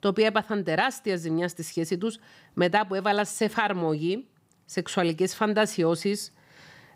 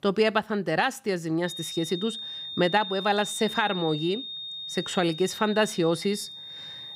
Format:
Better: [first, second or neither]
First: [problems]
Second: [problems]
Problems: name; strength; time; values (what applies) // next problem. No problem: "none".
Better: first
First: none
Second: high-pitched whine; loud; from 1.5 s on; 3.5 kHz, 8 dB below the speech